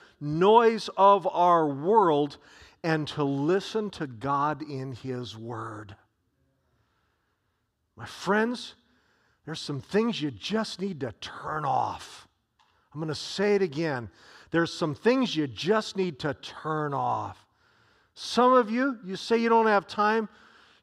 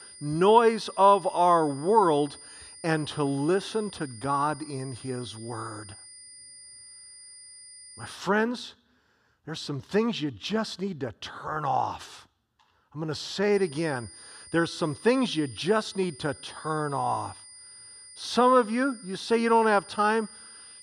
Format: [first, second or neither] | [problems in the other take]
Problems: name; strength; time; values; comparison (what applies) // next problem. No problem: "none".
first | high-pitched whine; noticeable; until 8 s and from 14 s on; 9.5 kHz, 20 dB below the speech